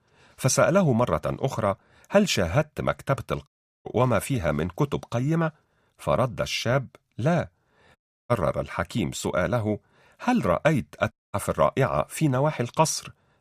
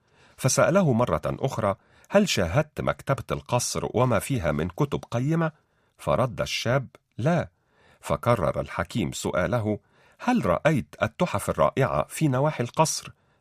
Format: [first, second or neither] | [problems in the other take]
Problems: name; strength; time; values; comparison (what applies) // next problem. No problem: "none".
second | audio cutting out; at 3.5 s, at 8 s and at 11 s